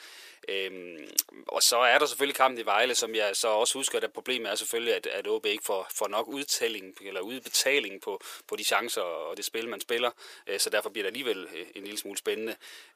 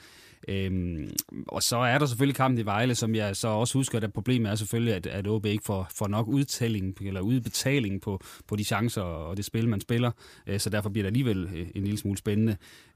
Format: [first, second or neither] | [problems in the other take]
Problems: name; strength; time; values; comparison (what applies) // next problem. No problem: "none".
second | thin; very; fading below 450 Hz